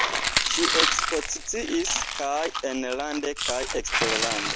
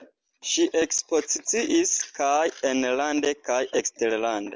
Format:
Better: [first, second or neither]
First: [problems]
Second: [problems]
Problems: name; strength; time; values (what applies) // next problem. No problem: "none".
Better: second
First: background sound (Chewing, mastication + Coin (dropping)); 2 dB above the speech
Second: none